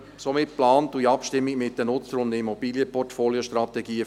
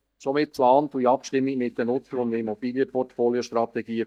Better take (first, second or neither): first